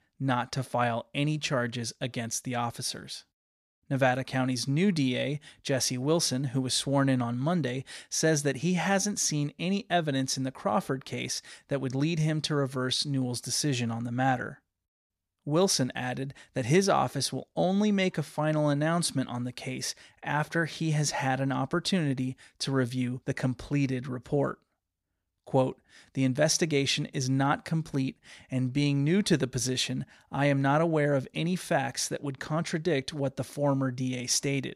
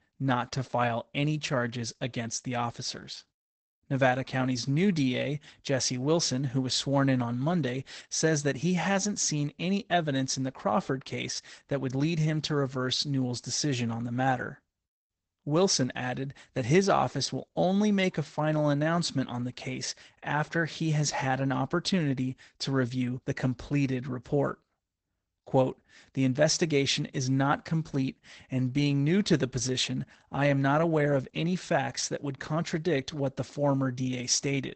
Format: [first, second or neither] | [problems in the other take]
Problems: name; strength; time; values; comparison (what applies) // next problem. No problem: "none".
first | garbled, watery; badly; nothing above 8 kHz